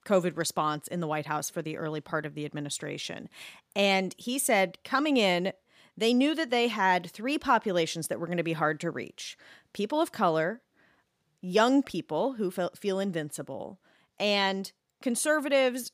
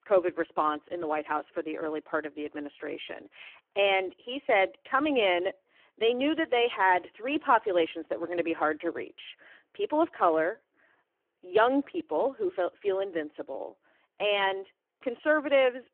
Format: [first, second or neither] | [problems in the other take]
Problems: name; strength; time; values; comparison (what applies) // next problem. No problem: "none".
first | phone-call audio; poor line; nothing above 3 kHz